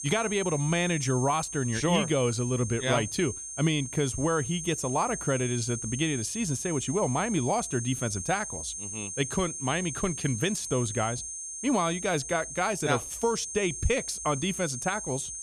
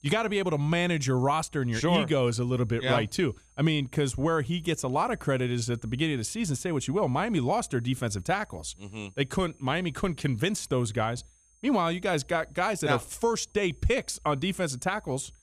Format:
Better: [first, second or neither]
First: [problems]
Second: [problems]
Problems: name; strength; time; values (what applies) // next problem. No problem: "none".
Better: second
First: high-pitched whine; loud; throughout; 6.5 kHz, 6 dB below the speech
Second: high-pitched whine; faint; throughout; 6.5 kHz, 35 dB below the speech